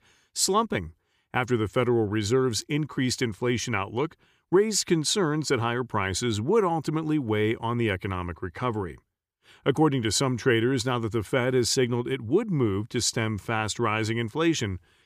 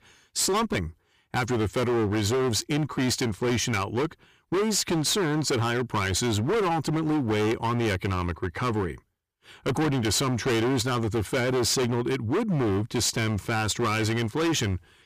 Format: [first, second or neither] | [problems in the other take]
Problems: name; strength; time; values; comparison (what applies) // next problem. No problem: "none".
first | distortion; heavy; 26% of the sound clipped